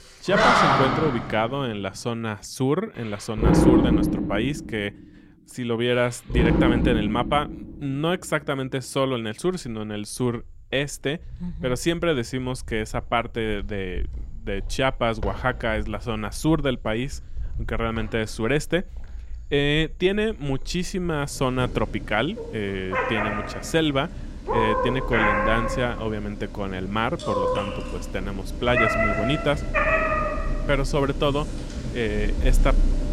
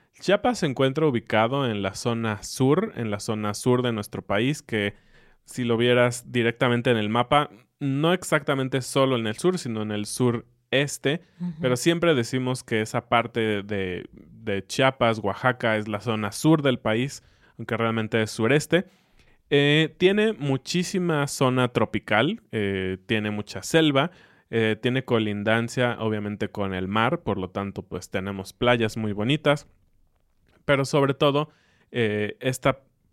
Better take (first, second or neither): second